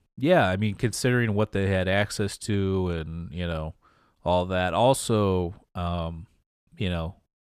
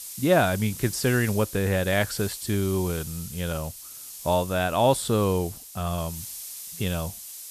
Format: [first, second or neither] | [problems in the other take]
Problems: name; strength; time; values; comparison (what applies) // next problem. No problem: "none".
first | hiss; noticeable; throughout; 10 dB below the speech